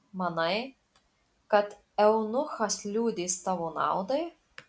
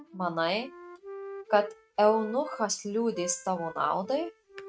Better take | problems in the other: first | noise reduction (neural mask model RNNoise)

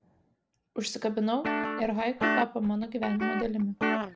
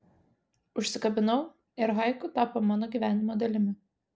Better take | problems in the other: second | background sound (Guitar); 1 dB below the speech

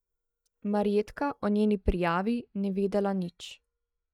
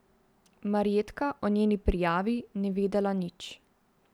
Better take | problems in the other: second | noise reduction (neural mask model DeepFilterNet 3)

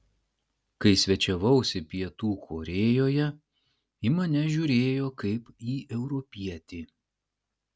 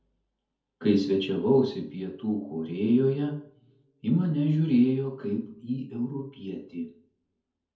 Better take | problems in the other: first | room echo; dies away in 0.5 s

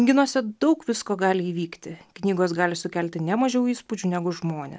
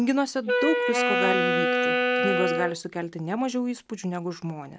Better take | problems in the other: first | background sound (Wind instrument, woodwind instrument); 3 dB above the speech

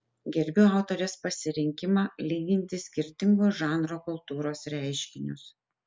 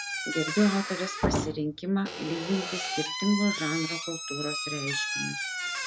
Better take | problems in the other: first | background sound (Squeak / Slam); 2 dB below the speech

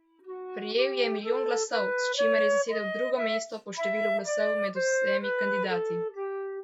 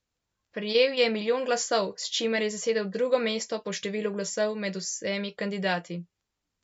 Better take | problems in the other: second | noise reduction (classical method log-MMSE)

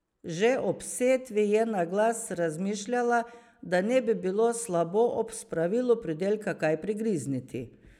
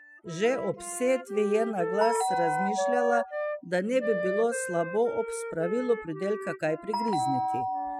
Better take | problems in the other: first | noise reduction (classical method spectral subtraction)

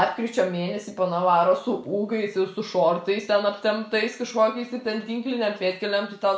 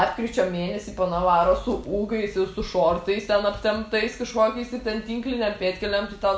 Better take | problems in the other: second | noise reduction (neural mask model Resemble Enhance denoiser)

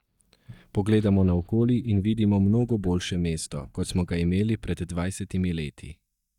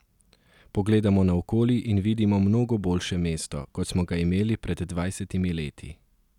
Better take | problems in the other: second | noise reduction (neural mask model DeepFilterNet 3)

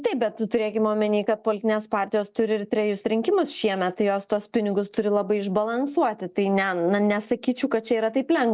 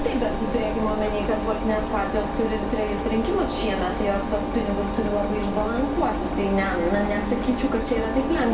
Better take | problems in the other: first | background sound (Engine); 3 dB below the speech // room echo; dies away in 2 s

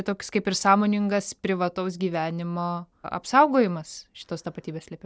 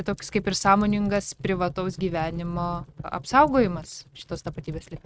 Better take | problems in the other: first | noise reduction (neural mask model RNNoise)

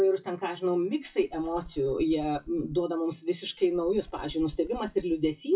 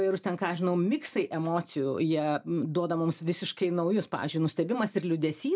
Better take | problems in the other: second | noise reduction (classical method WPE with log-MMSE)

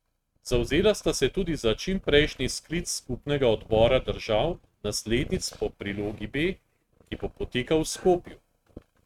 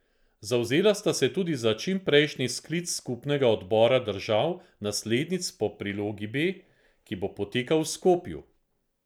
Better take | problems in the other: second | noise reduction (neural mask model RNNoise)

